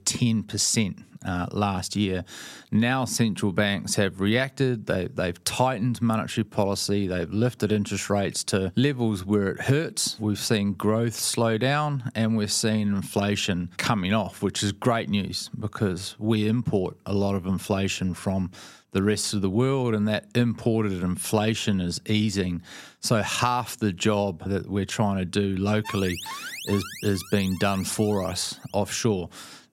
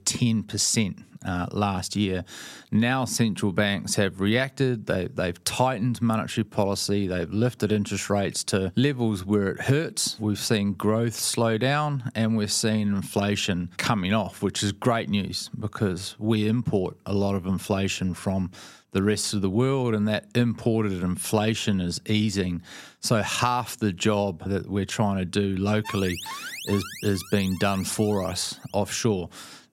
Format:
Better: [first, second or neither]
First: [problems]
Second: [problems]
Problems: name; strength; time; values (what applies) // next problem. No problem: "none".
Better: neither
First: alarm; noticeable; from 26 to 29 s; peak 8 dB below the speech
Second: alarm; noticeable; from 26 to 29 s; peak 8 dB below the speech